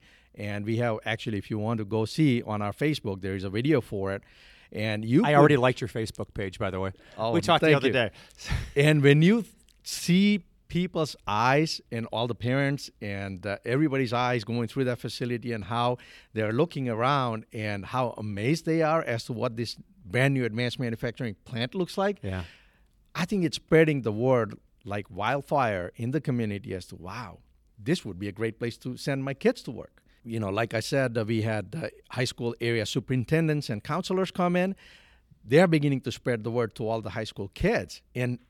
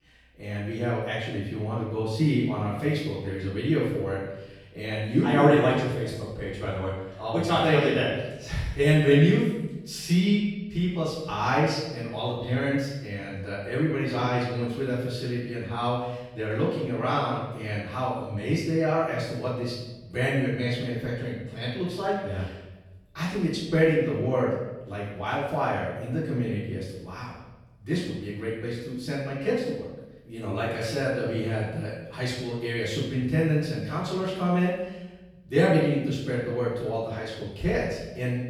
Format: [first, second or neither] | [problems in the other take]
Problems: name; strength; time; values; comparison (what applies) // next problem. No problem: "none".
first | off-mic speech; far // room echo; noticeable; dies away in 0.9 s